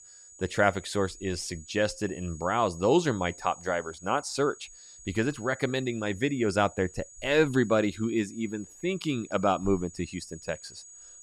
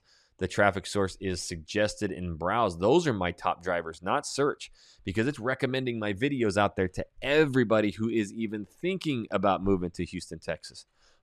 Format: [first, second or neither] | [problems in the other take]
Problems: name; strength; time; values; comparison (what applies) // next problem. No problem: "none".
second | high-pitched whine; noticeable; throughout; 6.5 kHz, 20 dB below the speech